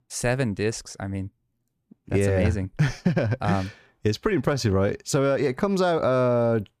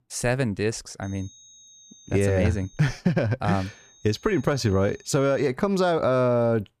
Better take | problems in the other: first | high-pitched whine; faint; from 1 to 3 s and from 3.5 to 5.5 s; 6.5 kHz, 25 dB below the speech

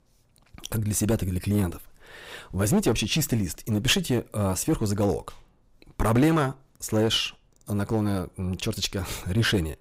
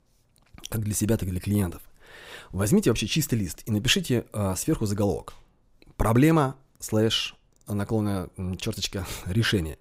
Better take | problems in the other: second | distortion; slight; 4% of the sound clipped

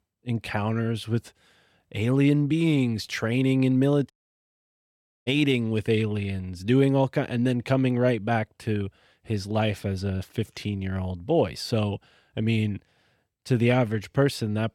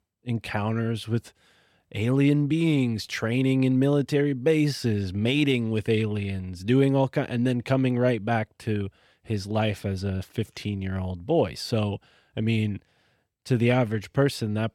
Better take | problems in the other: second | audio cutting out; at 4 s for 1 s

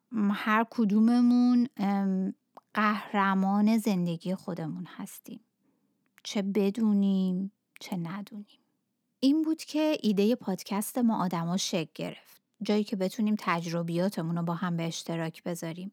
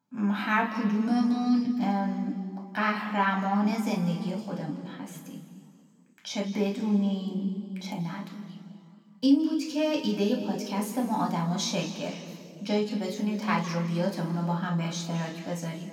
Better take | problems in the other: first | room echo; noticeable; dies away in 2.2 s // off-mic speech; somewhat distant

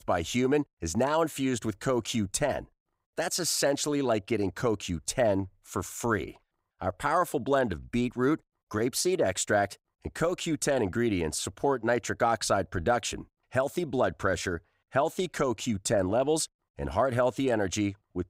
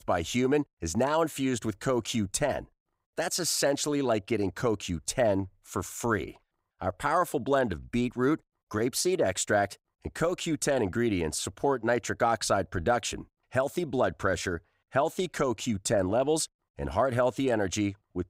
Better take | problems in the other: neither | none

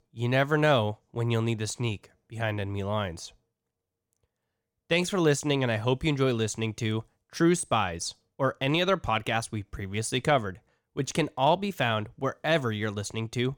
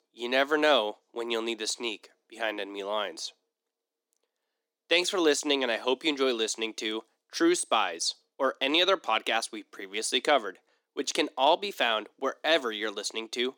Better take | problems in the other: first | thin; somewhat; fading below 250 Hz

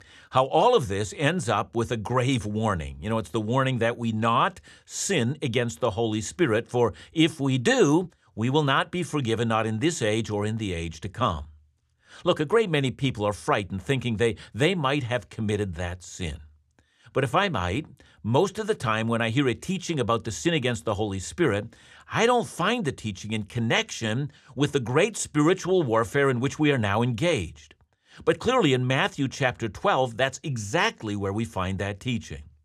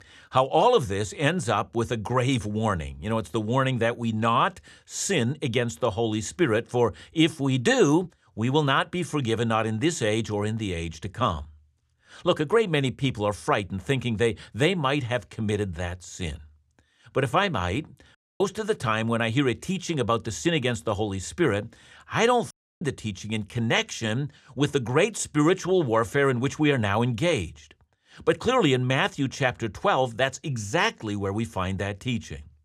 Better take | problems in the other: first | audio cutting out; at 18 s and at 23 s

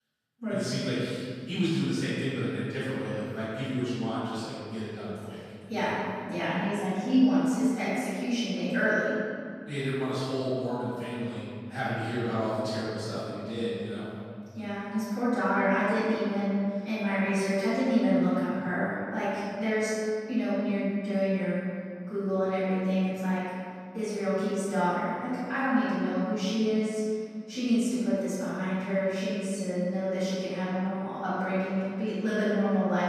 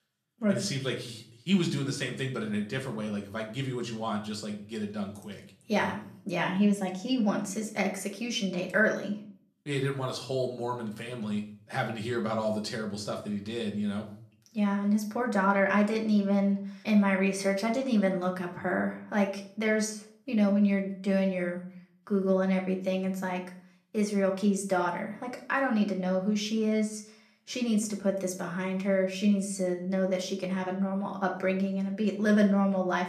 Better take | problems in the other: second | room echo; strong; dies away in 2.1 s; slight in the second // off-mic speech; far; somewhat distant in the second

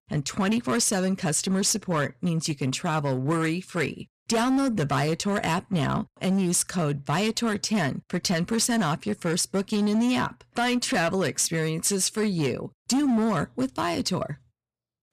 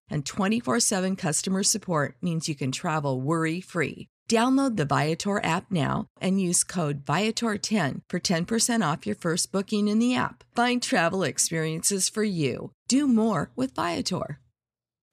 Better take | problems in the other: second | distortion; slight; 12% of the sound clipped

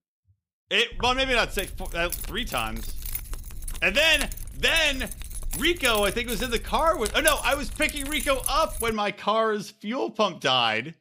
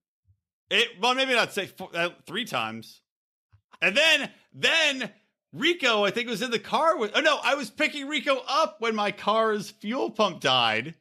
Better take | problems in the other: second | jangling keys; noticeable; from 1 to 9 s; peak 4 dB below the speech

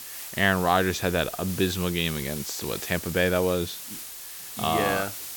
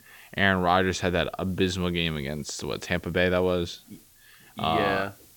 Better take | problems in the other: second | hiss; loud; throughout; 9 dB below the speech; faint in the second

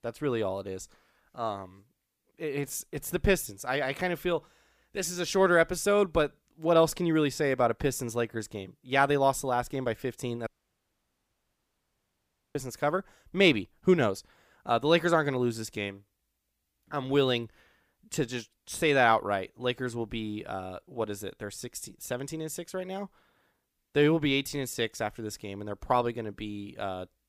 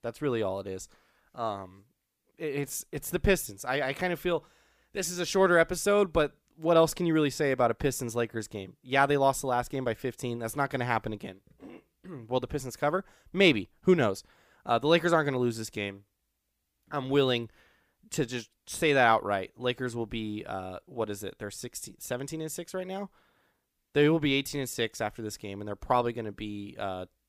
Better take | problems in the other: second | audio cutting out; at 10 s for 2 s

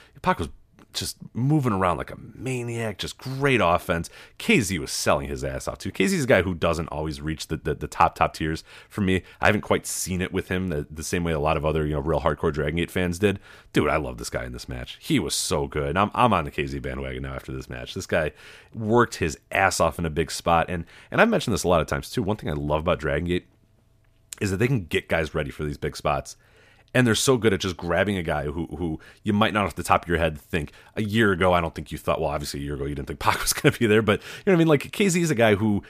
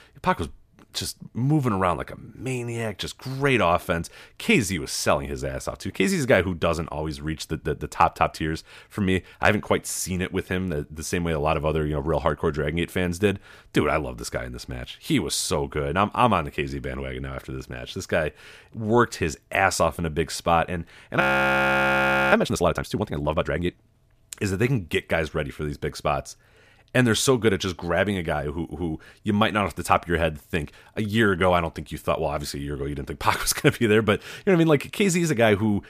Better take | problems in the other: first | audio freezing; at 21 s for 1 s

